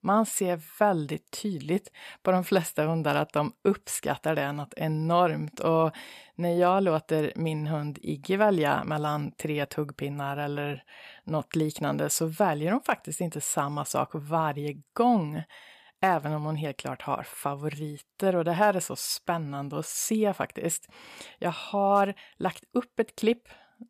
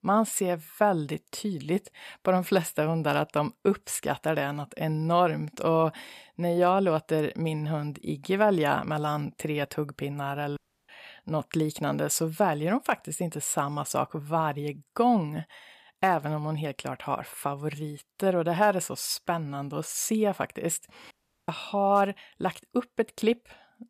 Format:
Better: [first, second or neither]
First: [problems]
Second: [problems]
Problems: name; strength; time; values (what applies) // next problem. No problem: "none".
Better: first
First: none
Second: audio cutting out; at 11 s and at 21 s